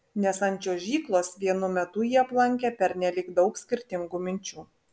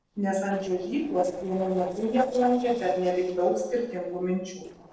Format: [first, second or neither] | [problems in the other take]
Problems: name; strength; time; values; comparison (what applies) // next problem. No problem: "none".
first | noise reduction (neural separator model SepFormer DNS4)